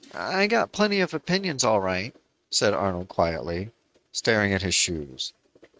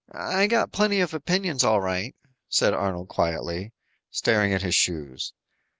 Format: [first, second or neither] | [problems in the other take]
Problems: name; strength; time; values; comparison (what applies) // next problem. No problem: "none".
second | noise reduction (neural mask model RNNoise)